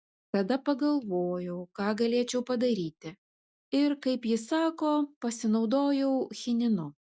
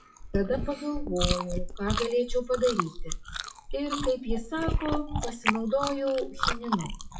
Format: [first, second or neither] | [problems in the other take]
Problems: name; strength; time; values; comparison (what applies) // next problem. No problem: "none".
first | noise reduction (classical method WPE with log-MMSE)